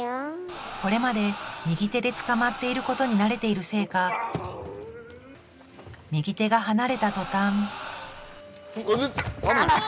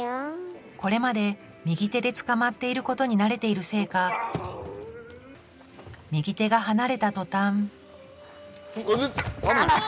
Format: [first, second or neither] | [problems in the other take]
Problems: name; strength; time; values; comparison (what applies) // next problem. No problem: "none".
second | background sound (Crowd); 11 dB below the speech